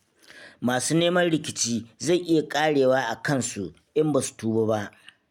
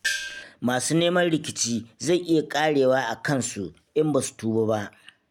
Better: first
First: none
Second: background sound (Gong); 4 dB below the speech

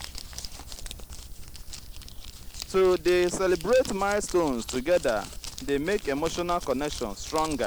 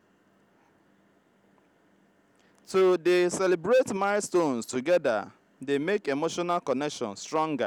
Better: second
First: background sound (Crumpling, crinkling); 11 dB below the speech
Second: none

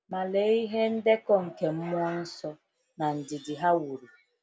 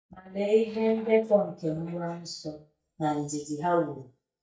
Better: first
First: none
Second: noise reduction (neural mask model DeepFilterNet 3)

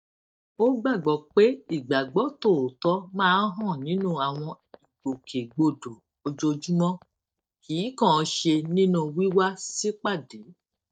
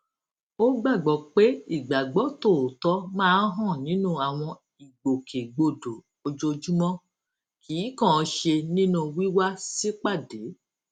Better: second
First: noise reduction (neural mask model DeepFilterNet 3)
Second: none

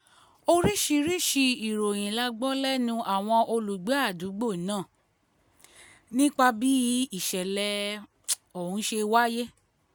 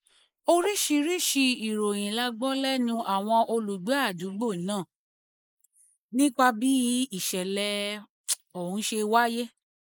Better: first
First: none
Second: noise reduction (neural mask model Resemble Enhance denoiser)

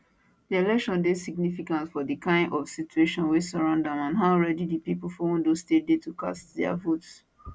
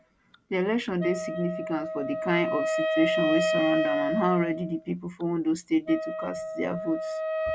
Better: first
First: none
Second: background sound (Wind instrument, woodwind instrument); 2 dB below the speech

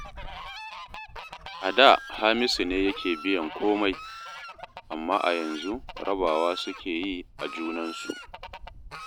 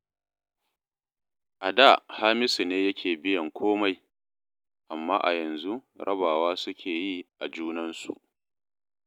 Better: second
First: background sound (Fowl); 13 dB below the speech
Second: none

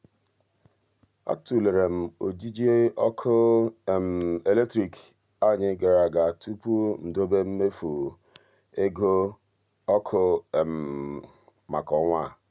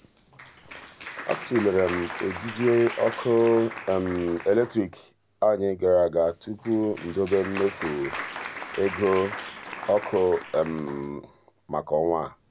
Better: first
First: none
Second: background sound (Applause); 13 dB below the speech

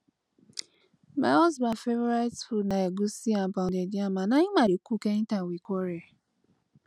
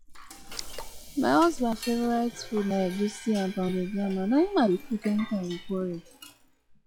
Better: first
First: none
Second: noise reduction (classical method log-MMSE)

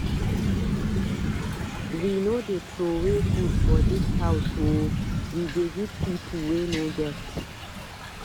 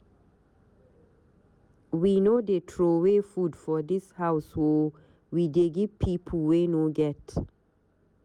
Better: second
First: background sound (Thunder / Rain); 3 dB above the speech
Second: none

